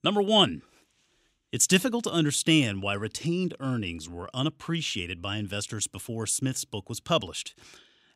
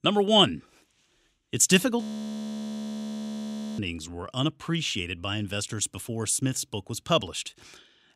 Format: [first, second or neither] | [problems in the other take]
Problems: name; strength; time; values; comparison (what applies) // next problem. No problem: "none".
first | audio freezing; at 2 s for 2 s